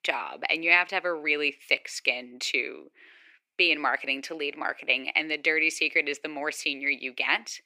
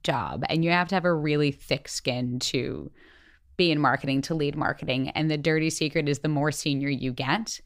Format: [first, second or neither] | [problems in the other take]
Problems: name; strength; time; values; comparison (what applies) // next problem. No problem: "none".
second | thin; somewhat; fading below 350 Hz